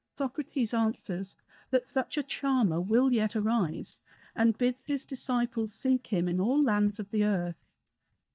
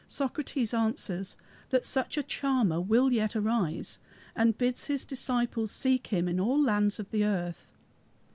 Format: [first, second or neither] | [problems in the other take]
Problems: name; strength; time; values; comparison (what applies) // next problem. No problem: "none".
second | noise reduction (neural mask model DeepFilterNet 3)